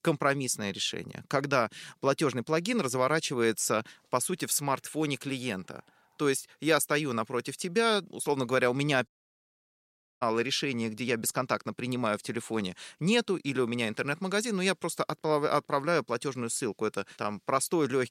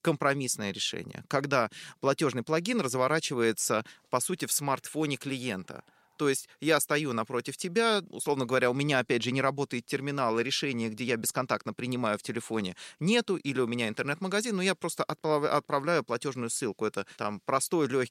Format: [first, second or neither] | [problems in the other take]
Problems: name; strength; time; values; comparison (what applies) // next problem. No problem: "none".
second | audio cutting out; at 9 s for 1 s